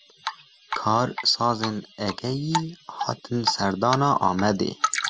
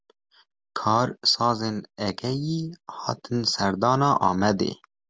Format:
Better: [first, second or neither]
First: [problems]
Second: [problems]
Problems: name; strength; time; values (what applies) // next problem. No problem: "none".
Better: second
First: background sound (Drip); 8 dB below the speech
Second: none